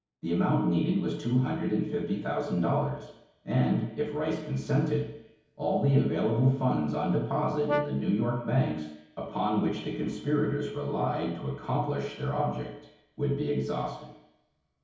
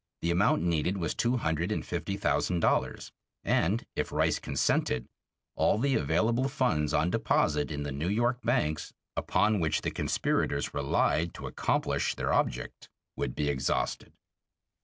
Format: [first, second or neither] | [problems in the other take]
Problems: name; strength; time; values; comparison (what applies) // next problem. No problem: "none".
second | background sound (Brass instrument); 8 dB below the speech // room echo; dies away in 2.2 s